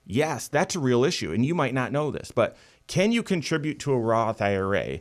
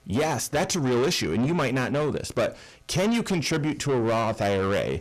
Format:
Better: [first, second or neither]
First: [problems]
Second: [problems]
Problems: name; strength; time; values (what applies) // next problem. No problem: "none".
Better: first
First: none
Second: distortion; heavy; 7 dB below the speech